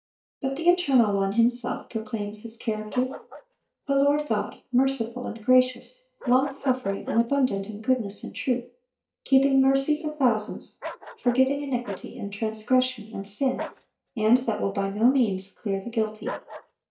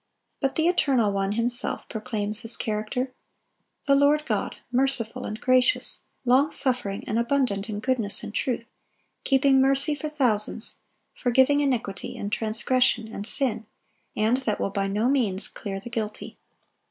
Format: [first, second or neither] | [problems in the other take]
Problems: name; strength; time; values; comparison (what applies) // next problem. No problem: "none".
second | noise reduction (neural mask model DeepFilterNet 3)